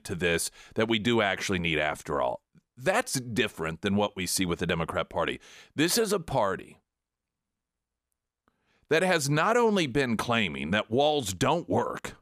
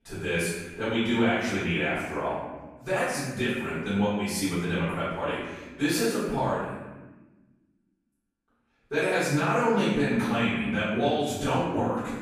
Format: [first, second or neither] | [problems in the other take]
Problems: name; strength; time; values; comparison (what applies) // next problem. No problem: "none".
first | off-mic speech; far // room echo; strong; dies away in 1.2 s